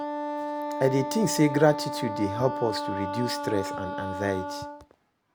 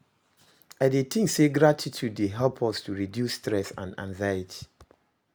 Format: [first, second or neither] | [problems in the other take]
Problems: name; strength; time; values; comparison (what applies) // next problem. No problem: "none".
second | background sound (Wind instrument, woodwind instrument); 5 dB below the speech